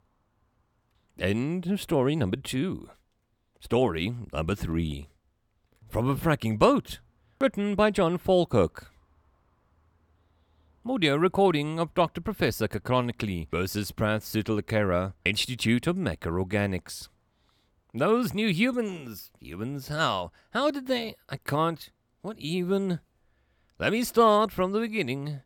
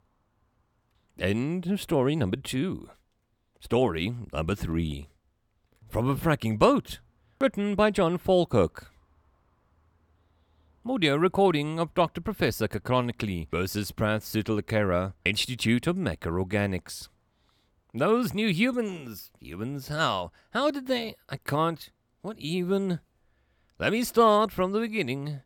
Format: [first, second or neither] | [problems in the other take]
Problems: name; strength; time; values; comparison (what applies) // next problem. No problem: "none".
neither | none